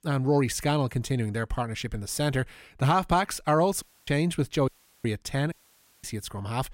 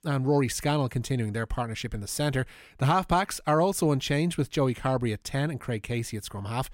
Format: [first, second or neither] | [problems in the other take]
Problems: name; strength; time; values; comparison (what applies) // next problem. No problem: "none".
second | audio cutting out; at 4 s, at 4.5 s and at 5.5 s for 0.5 s